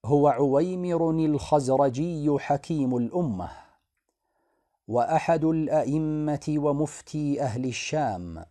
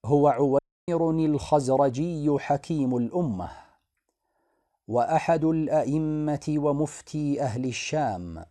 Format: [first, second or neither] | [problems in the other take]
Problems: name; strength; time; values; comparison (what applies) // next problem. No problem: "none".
first | audio cutting out; at 0.5 s